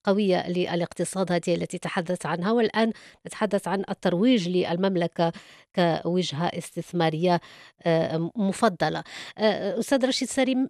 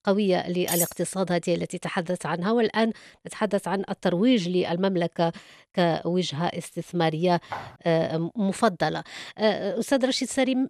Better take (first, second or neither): first